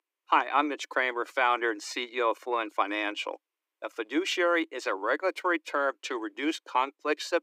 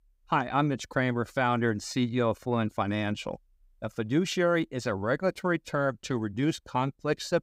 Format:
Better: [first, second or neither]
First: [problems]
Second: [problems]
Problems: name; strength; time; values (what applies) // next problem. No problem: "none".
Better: second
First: thin; very; fading below 300 Hz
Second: none